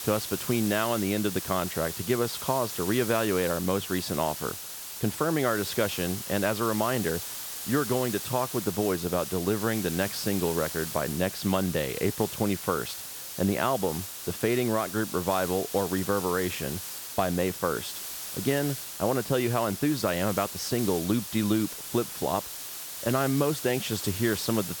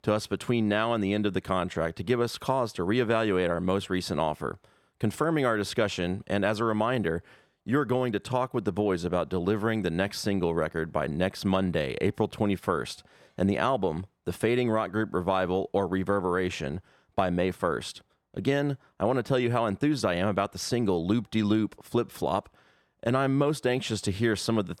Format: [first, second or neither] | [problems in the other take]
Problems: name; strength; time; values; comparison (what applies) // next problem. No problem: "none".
second | hiss; loud; throughout; 6 dB below the speech